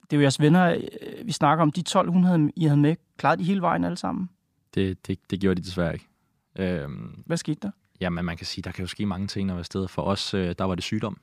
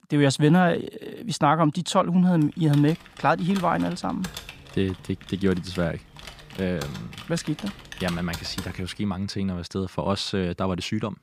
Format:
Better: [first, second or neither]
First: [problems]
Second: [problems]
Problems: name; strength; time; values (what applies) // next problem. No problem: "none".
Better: first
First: none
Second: keyboard typing; faint; from 2.5 to 9 s; peak 10 dB below the speech